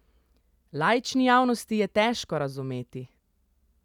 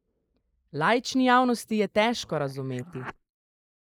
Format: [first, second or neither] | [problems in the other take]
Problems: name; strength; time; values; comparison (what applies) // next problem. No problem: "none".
first | noise reduction (neural mask model Resemble Enhance denoiser)